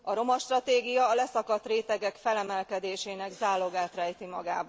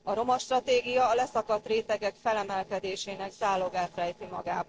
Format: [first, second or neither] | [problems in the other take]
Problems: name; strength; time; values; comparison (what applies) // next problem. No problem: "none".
first | noise reduction (neural separator model SepFormer DNS4)